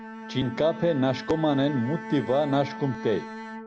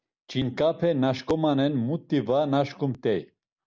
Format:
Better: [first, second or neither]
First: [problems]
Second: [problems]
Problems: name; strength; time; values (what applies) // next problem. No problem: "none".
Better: second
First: background sound (Bowed string instrument); 11 dB below the speech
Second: none